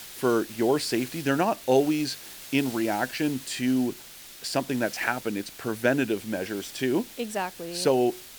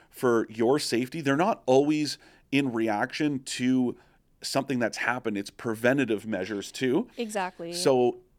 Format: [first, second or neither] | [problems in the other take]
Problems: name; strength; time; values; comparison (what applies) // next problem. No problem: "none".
second | hiss; noticeable; throughout; 15 dB below the speech